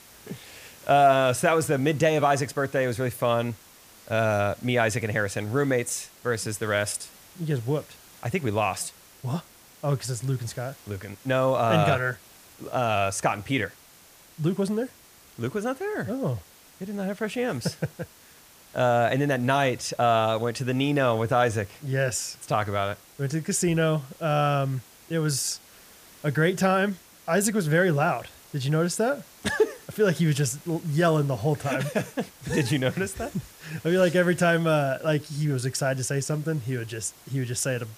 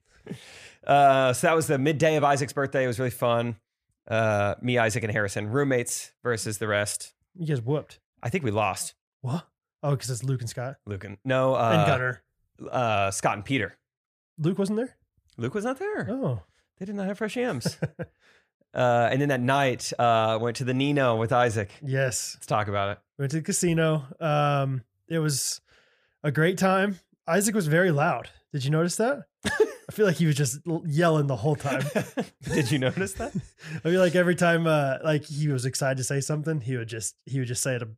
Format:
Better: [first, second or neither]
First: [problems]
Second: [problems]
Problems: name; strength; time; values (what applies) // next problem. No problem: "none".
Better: second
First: hiss; faint; throughout; 25 dB below the speech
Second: none